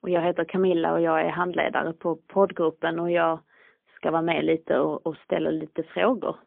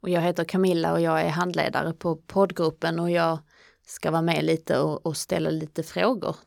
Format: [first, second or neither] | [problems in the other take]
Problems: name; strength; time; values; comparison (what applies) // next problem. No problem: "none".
second | phone-call audio; poor line; nothing above 3.5 kHz